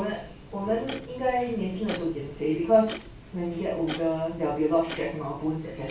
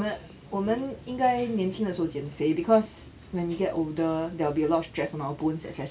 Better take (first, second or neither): second